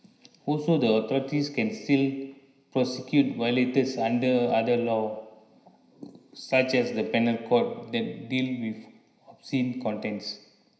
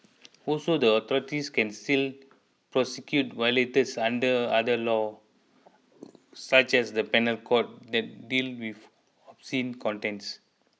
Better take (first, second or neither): second